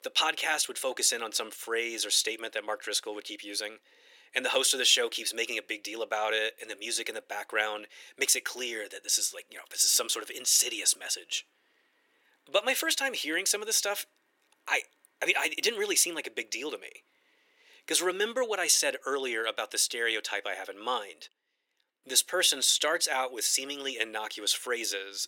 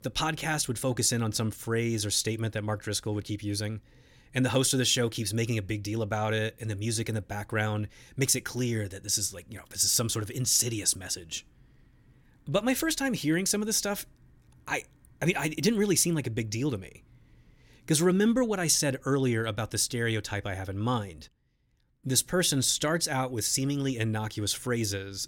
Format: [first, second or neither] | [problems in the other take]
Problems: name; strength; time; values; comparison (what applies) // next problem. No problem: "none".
second | thin; very; fading below 400 Hz